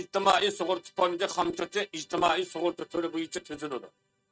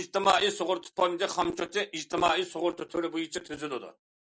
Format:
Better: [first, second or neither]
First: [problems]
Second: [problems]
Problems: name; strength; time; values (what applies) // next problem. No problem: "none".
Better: second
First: noise reduction (neural mask model RNNoise)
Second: none